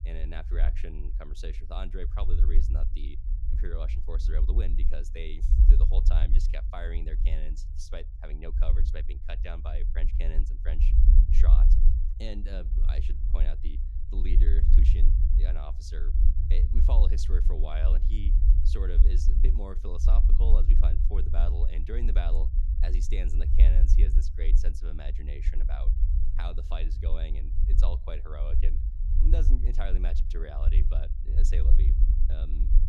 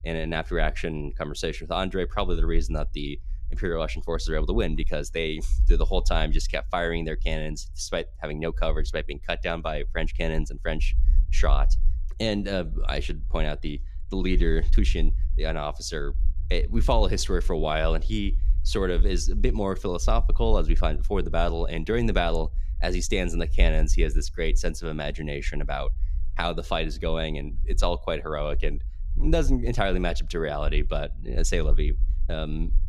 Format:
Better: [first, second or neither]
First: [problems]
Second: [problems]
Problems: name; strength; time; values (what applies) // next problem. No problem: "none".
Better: second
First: low rumble; loud; throughout; 4 dB below the speech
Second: low rumble; faint; throughout; 25 dB below the speech